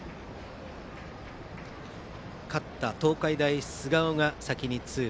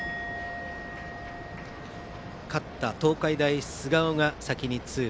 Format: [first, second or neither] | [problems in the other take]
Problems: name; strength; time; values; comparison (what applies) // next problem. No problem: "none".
first | background sound (Musical instrument); 13 dB below the speech